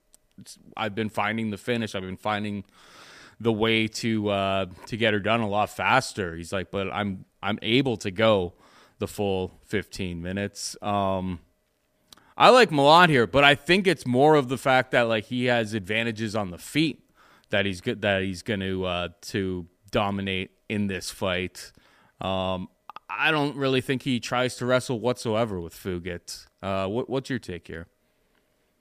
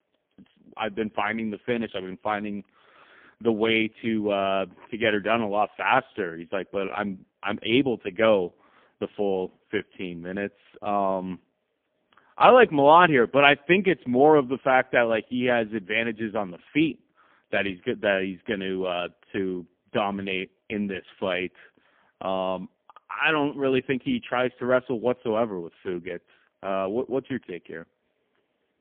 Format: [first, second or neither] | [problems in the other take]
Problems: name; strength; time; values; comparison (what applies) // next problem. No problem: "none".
first | phone-call audio; poor line; nothing above 3.5 kHz